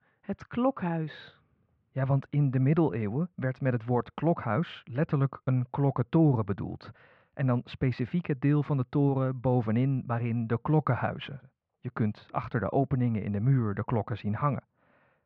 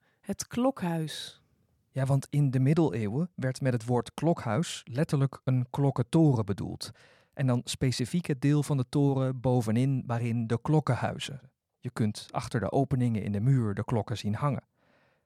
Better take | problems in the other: second | muffled; very; fading above 3 kHz

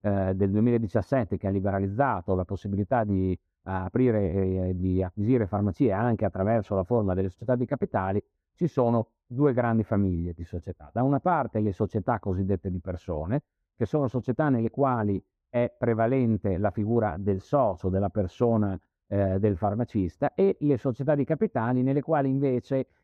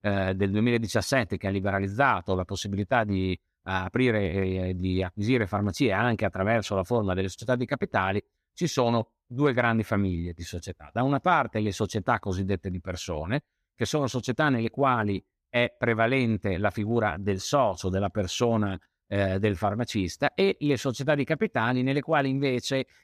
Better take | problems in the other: second | muffled; very; fading above 2 kHz

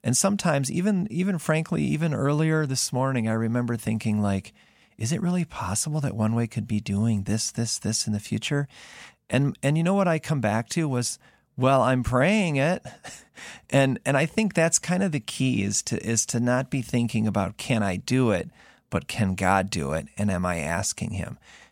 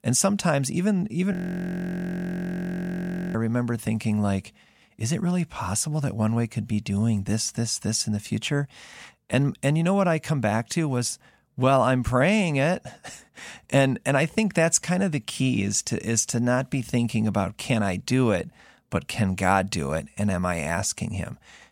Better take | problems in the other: first | audio freezing; at 1.5 s for 2 s

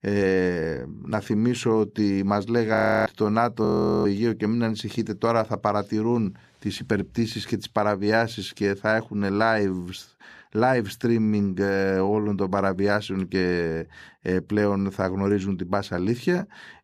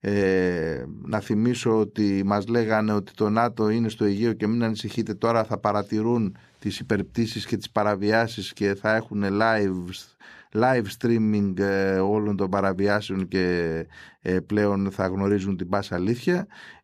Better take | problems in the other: second | audio freezing; at 3 s and at 3.5 s

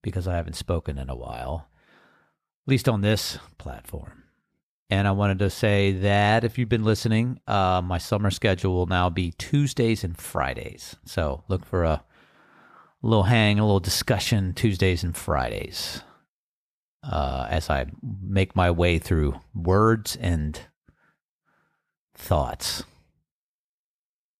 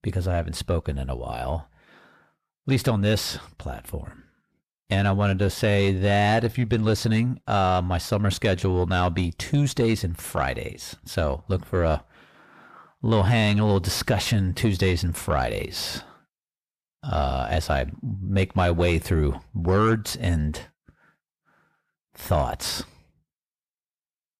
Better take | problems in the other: first | distortion; slight; 10 dB below the speech

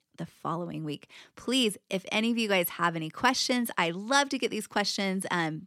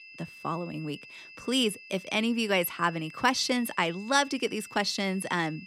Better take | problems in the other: first | high-pitched whine; noticeable; throughout; 2.5 kHz, 15 dB below the speech

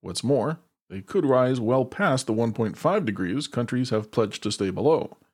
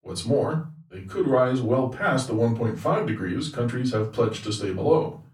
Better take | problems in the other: first | off-mic speech; far // room echo; very slight; dies away in 0.3 s

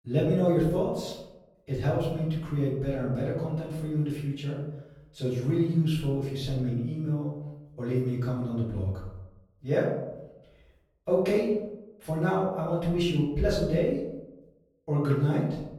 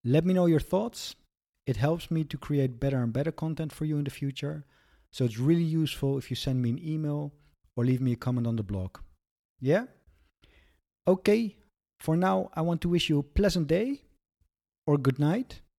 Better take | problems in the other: second | off-mic speech; far // room echo; noticeable; dies away in 0.9 s

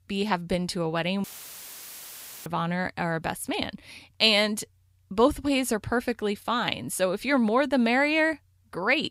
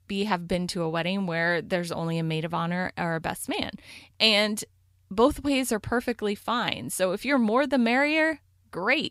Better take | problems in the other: second | audio cutting out; filled with static; at 1 s for 1 s

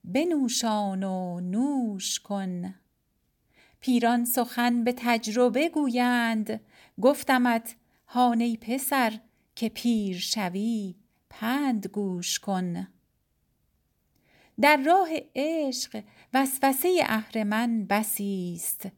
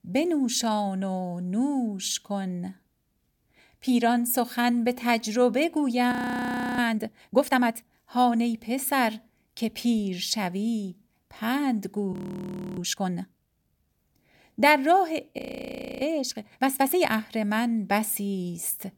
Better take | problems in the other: first | audio freezing; at 6 s for 0.5 s, at 12 s for 0.5 s and at 15 s for 0.5 s

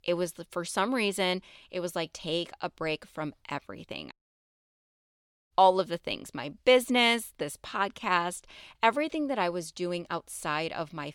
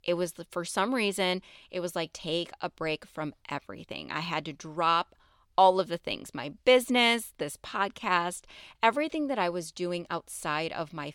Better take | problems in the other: second | audio cutting out; at 4 s for 1.5 s

